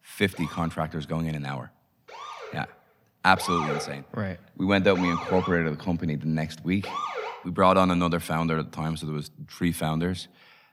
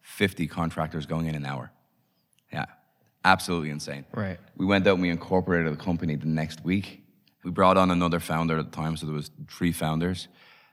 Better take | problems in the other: second | siren; noticeable; until 7.5 s; peak 2 dB below the speech

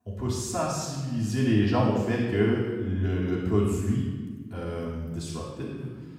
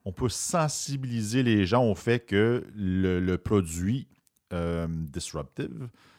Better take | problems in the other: second | off-mic speech; far // room echo; strong; dies away in 1.2 s

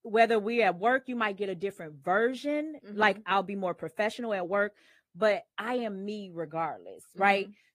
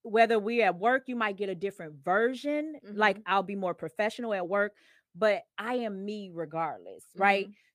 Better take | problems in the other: second | garbled, watery; slightly; nothing above 15 kHz

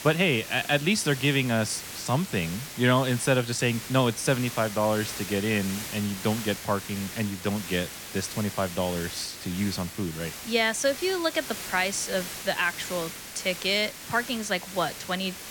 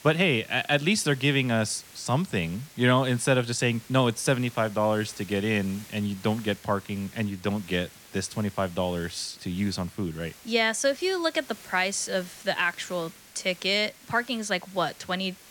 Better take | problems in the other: second | hiss; loud; throughout; 10 dB below the speech; faint in the second

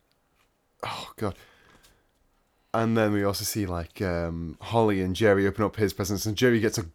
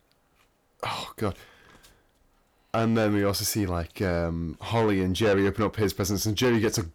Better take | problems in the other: first | distortion; slight; 10 dB below the speech

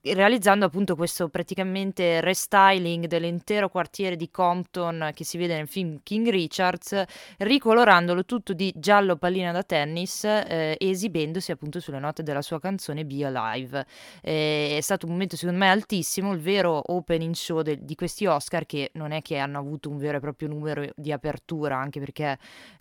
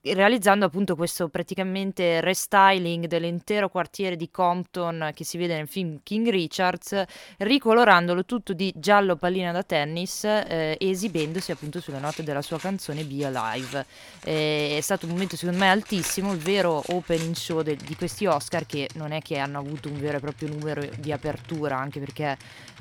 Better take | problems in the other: first | household noises; noticeable; throughout; 15 dB below the speech

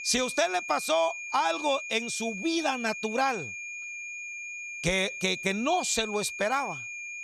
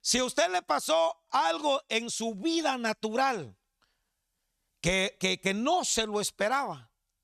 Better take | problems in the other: second | high-pitched whine; loud; throughout; 2.5 kHz, 7 dB below the speech

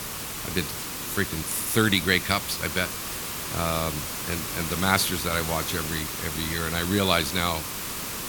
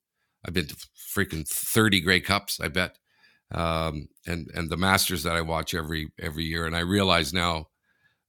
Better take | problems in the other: second | hiss; loud; throughout; 4 dB below the speech

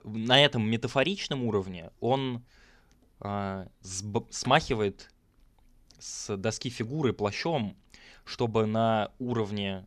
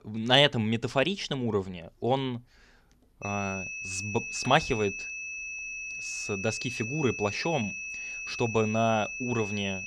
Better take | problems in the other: first | high-pitched whine; loud; from 3 s on; 2.5 kHz, 6 dB below the speech

